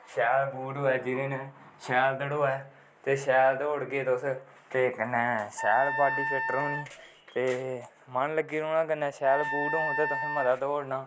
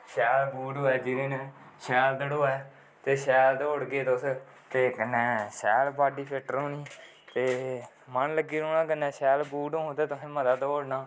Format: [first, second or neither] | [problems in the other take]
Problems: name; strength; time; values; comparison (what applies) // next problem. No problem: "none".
second | background sound (Wind instrument, woodwind instrument); 4 dB below the speech